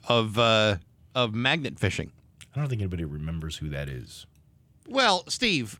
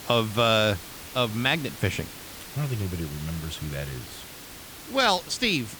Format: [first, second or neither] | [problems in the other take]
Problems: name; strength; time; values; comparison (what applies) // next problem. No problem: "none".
first | hiss; noticeable; throughout; 15 dB below the speech